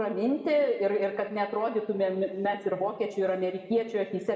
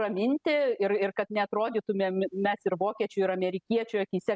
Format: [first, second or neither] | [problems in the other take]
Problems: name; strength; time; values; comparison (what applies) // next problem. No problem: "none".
second | room echo; dies away in 1.5 s